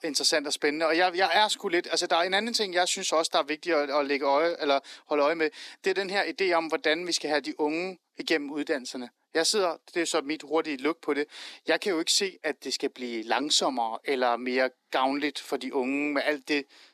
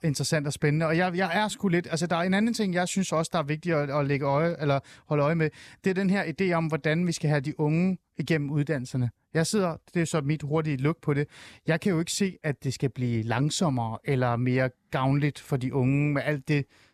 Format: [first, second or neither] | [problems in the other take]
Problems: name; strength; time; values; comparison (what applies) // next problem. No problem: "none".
second | thin; somewhat; fading below 300 Hz